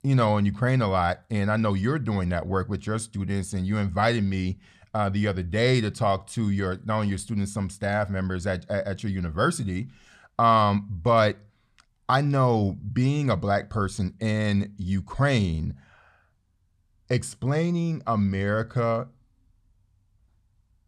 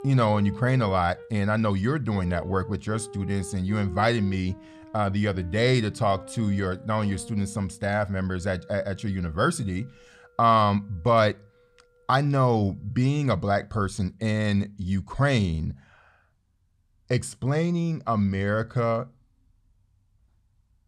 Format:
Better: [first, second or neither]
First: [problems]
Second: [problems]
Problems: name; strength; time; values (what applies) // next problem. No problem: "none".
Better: first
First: none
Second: background music; noticeable; until 14 s; 20 dB below the speech